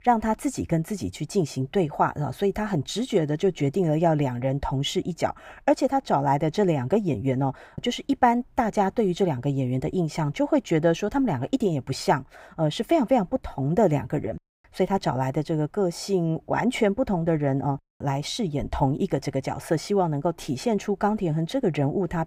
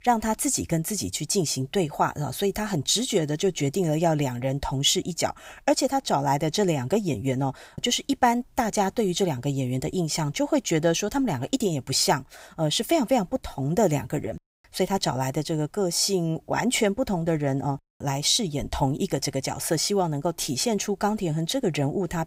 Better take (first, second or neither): second